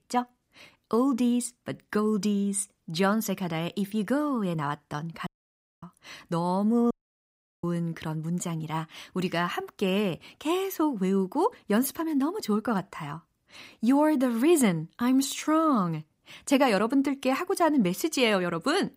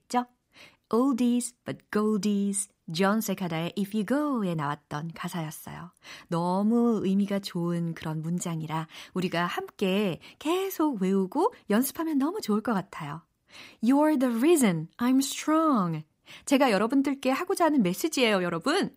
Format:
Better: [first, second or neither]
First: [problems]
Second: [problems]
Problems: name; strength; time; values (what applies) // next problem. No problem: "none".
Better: second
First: audio cutting out; at 5.5 s for 0.5 s and at 7 s for 0.5 s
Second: none